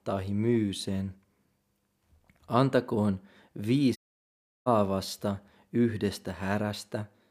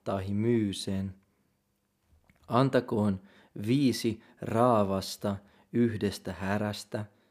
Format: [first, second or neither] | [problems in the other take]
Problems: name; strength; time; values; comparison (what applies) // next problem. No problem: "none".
second | audio cutting out; at 4 s for 0.5 s